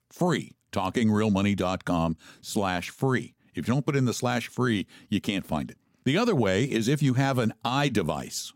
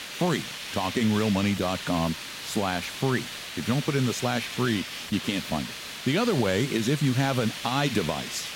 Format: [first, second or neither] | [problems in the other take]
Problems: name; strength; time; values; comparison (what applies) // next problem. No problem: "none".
first | hiss; loud; throughout; 7 dB below the speech